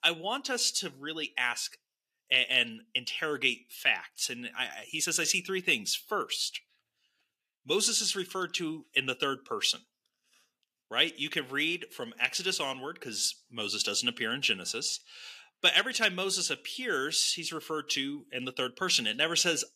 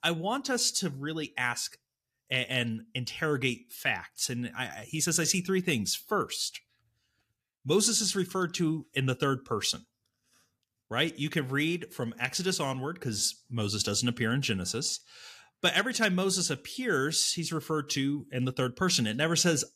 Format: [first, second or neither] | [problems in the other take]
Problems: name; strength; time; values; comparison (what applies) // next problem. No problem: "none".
second | thin; somewhat; fading below 300 Hz